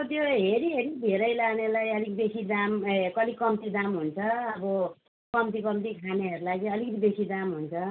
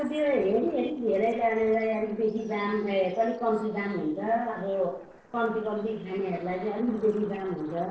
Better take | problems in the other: first | noise reduction (neural separator model SepFormer DNS4)

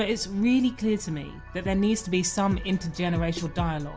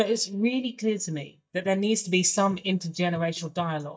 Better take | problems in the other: first | noise reduction (neural mask model DeepFilterNet 3)

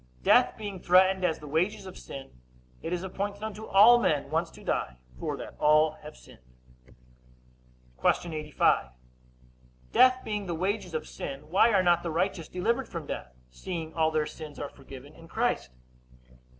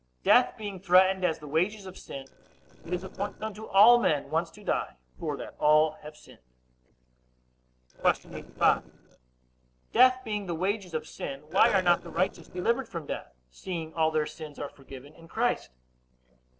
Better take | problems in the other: first | noise reduction (neural separator model SepFormer DNS4)

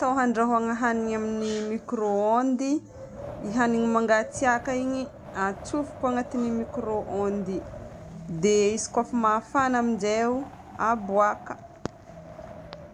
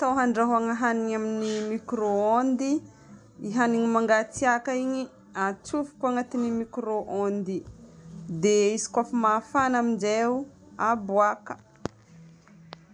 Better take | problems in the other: second | background sound (Wind); 16 dB below the speech

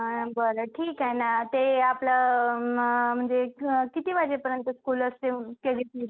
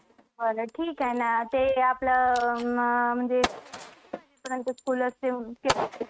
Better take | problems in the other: first | noise reduction (neural mask model RNNoise)

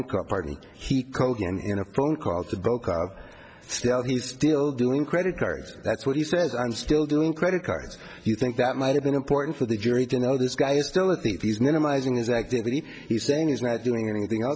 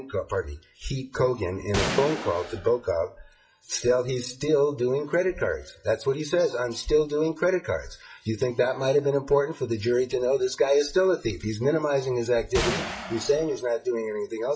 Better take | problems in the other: first | noise reduction (classical method WPE with log-MMSE)

